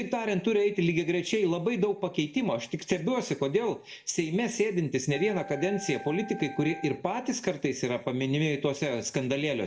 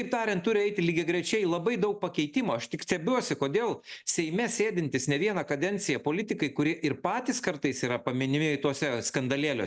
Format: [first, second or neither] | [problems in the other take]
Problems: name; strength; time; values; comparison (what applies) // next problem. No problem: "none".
second | background sound (Wind instrument, woodwind instrument); 16 dB below the speech // room echo; dies away in 0.4 s